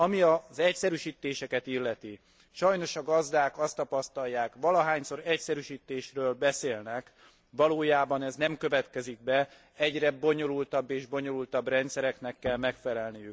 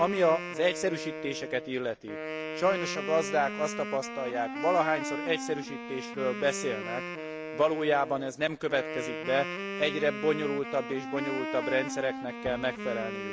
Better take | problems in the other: first | background sound (Wind instrument, woodwind instrument); 6 dB below the speech

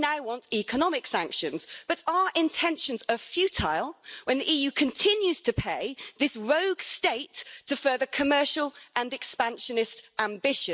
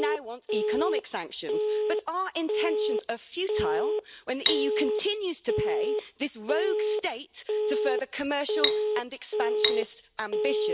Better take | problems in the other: first | background sound (Telephone + Cutlery, silverware); 5 dB above the speech

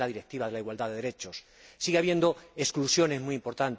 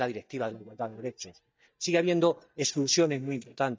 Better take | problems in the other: first | noise reduction (neural mask model DeepFilterNet 3)

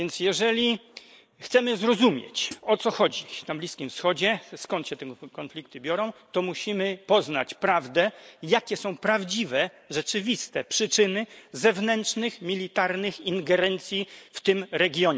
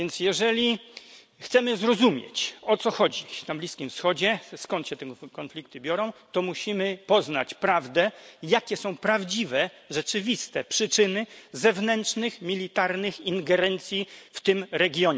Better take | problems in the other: second | noise reduction (neural mask model Resemble Enhance denoiser)

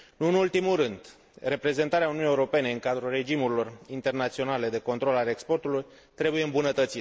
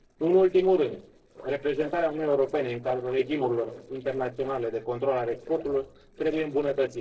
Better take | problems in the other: first | noise reduction (neural separator model SepFormer DNS4)

